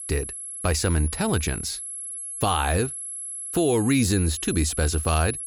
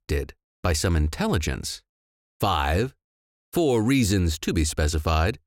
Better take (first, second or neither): second